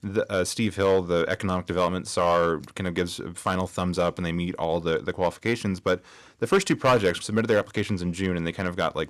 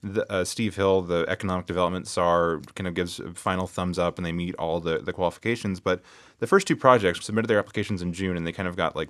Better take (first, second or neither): second